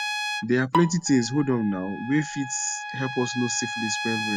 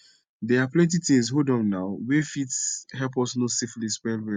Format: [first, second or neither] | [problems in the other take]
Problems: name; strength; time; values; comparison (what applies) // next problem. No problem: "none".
second | background sound (Bowed string instrument + Trumpet); 6 dB below the speech